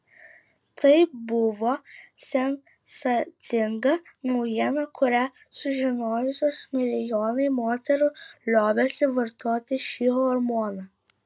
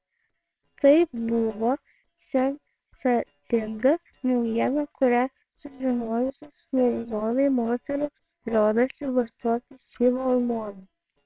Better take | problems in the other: first | noise reduction (neural separator model SepFormer WHAMR!)

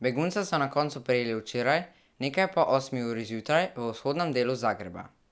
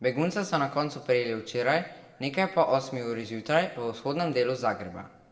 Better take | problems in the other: first | room echo; dies away in 0.9 s

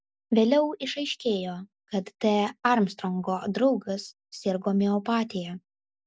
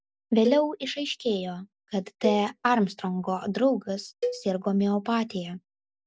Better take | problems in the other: first | background sound (Cowbell); 10 dB below the speech

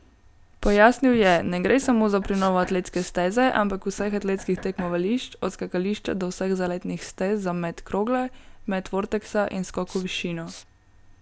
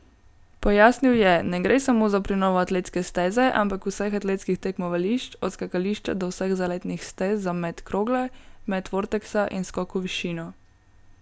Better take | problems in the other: second | background sound (Knock + Respiratory sounds); 20 dB below the speech

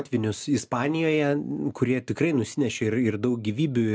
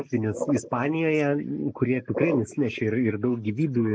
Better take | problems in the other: first | noise reduction (neural mask model Resemble Enhance denoiser)

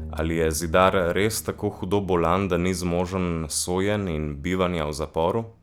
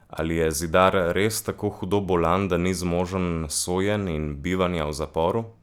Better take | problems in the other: second | background sound (Bowed string instrument); 18 dB below the speech

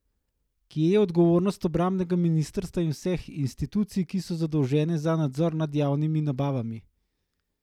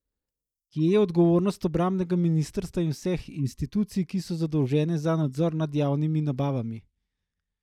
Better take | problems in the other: first | noise reduction (neural mask model DeepFilterNet 3)

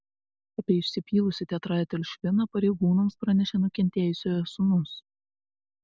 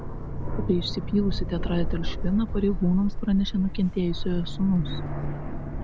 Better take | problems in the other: first | background sound (Aircraft); 1 dB below the speech

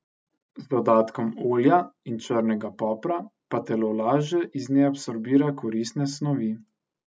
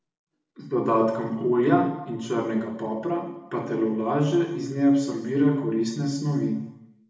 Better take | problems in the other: first | room echo; dies away in 0.9 s

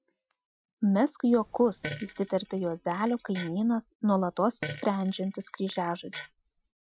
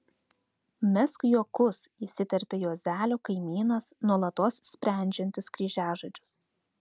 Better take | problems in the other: second | noise reduction (classical method Wiener filter)

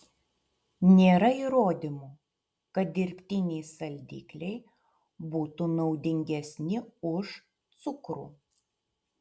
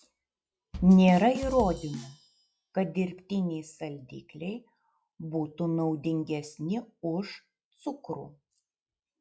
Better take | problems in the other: first | noise reduction (classical method log-MMSE)

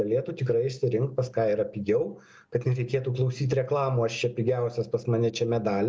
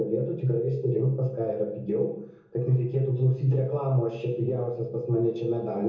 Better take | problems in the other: first | room echo; dies away in 0.7 s

